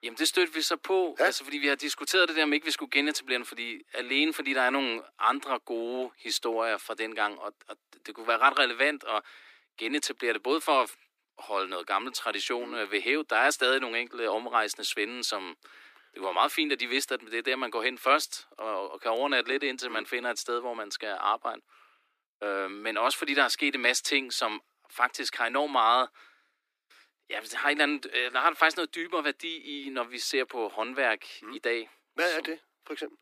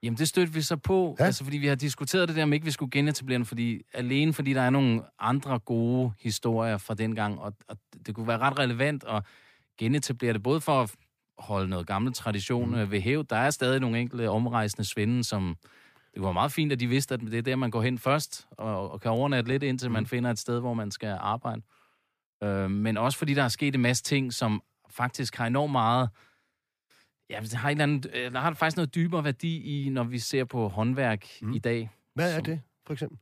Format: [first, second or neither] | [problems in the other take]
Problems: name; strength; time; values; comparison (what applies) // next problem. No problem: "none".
second | thin; somewhat; fading below 300 Hz